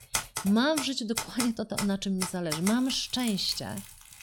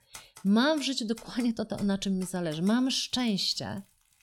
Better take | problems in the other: second | household noises; loud; throughout; 7 dB below the speech; faint in the second

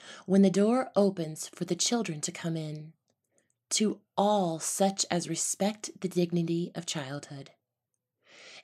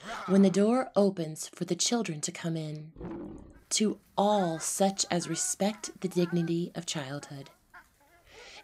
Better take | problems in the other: first | animal sounds; noticeable; throughout; 20 dB below the speech

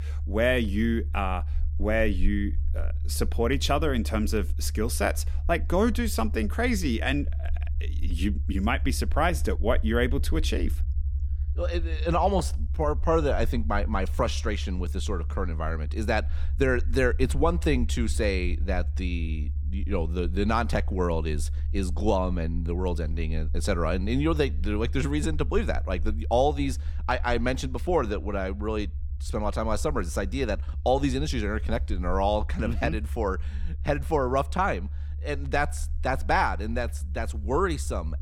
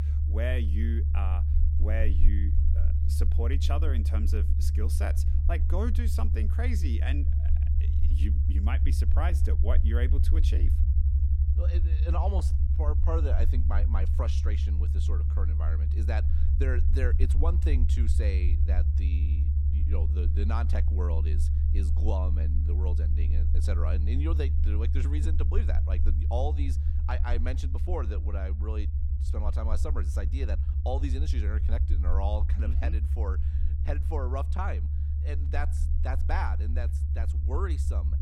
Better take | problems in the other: first | low rumble; loud; throughout; 5 dB below the speech; faint in the first

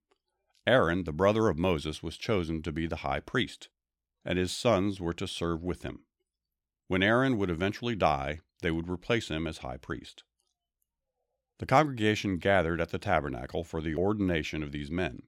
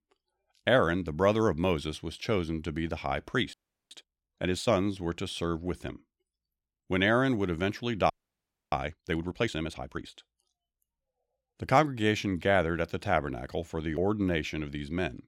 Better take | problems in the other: first | audio freezing; at 3.5 s and at 8 s for 0.5 s

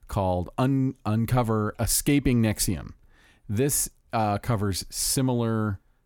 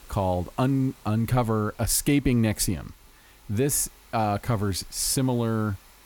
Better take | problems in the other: first | hiss; faint; throughout; 25 dB below the speech

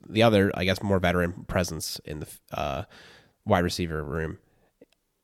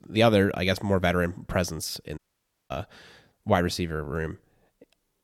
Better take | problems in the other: first | audio cutting out; at 2 s for 0.5 s

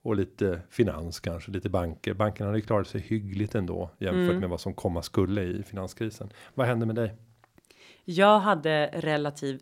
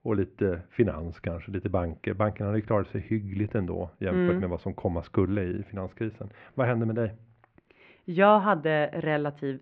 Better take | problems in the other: first | muffled; very; fading above 2.5 kHz

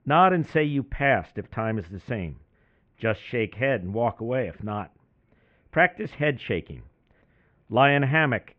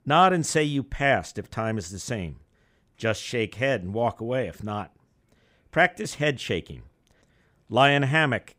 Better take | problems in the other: second | muffled; very; fading above 2.5 kHz

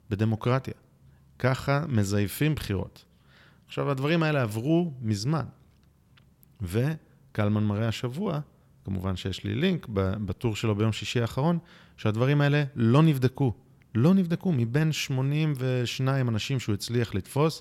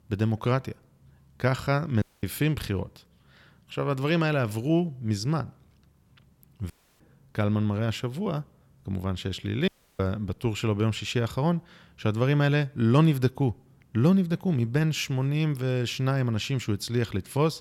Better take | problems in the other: first | audio cutting out; at 2 s, at 6.5 s and at 9.5 s

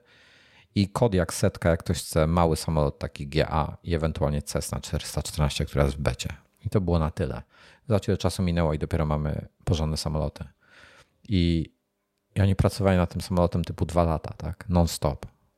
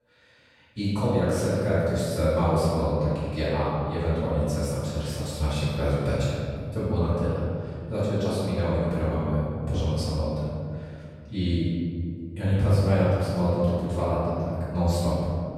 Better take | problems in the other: first | room echo; strong; dies away in 2.2 s // off-mic speech; far

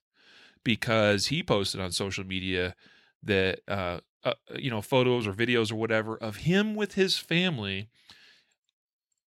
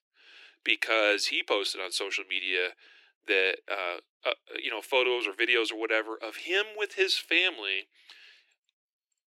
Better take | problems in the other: first | thin; very; fading below 300 Hz

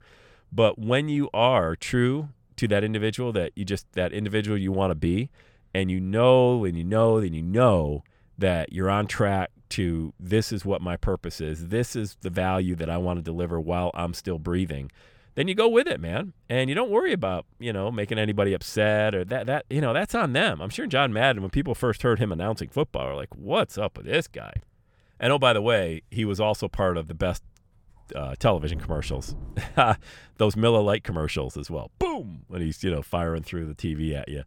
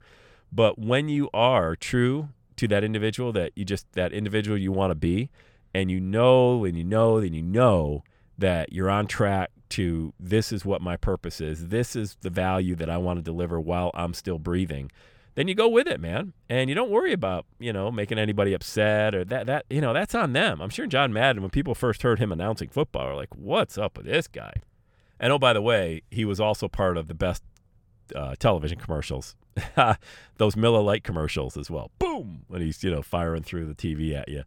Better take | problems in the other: second | dog barking; faint; from 28 to 30 s; peak 15 dB below the speech

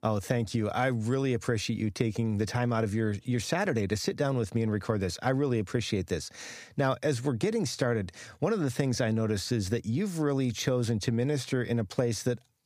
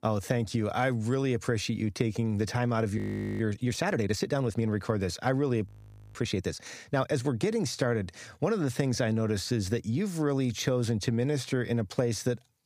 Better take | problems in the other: first | audio freezing; at 3 s and at 5.5 s

